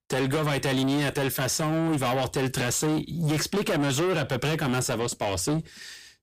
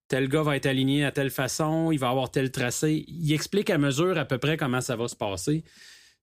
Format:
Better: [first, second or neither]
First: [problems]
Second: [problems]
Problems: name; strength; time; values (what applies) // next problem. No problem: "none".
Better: second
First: distortion; heavy; 6 dB below the speech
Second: none